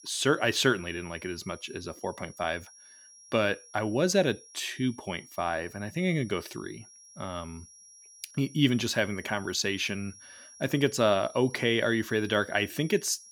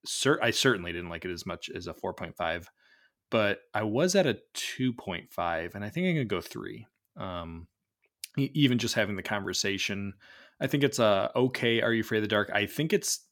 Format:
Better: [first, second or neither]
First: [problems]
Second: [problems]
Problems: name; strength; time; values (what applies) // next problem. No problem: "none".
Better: second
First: high-pitched whine; faint; throughout; 5.5 kHz, 20 dB below the speech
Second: none